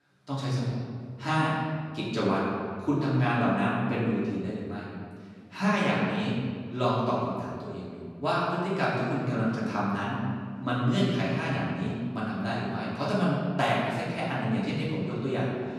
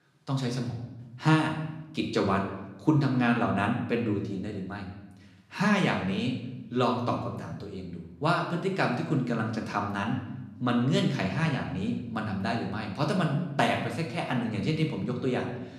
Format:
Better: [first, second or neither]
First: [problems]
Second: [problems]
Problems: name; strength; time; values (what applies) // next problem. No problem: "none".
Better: second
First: room echo; strong; dies away in 1.7 s // off-mic speech; far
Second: room echo; slight; dies away in 0.8 s // off-mic speech; somewhat distant